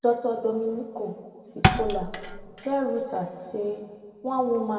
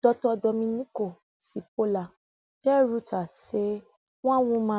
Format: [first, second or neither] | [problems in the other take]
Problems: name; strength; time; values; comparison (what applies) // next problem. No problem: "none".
second | background sound (Thump, thud); 2 dB below the speech // room echo; dies away in 1.8 s